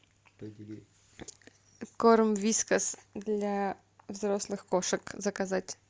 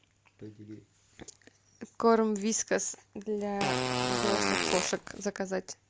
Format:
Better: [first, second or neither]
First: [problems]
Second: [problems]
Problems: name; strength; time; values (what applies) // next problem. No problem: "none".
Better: first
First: none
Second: background sound (Fart); 1 dB above the speech